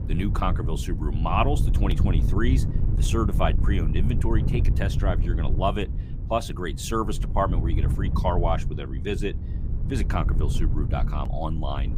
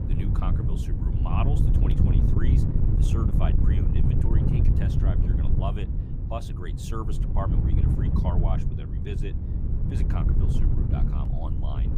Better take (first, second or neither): first